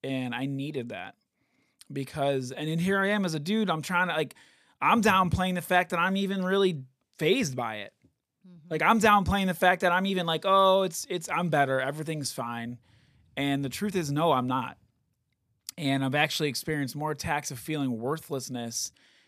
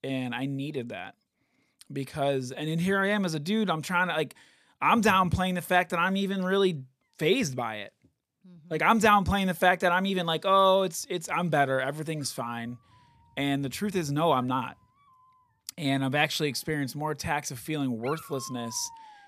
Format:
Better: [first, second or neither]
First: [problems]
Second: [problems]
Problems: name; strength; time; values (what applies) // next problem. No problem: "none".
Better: first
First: none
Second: animal sounds; faint; throughout; 25 dB below the speech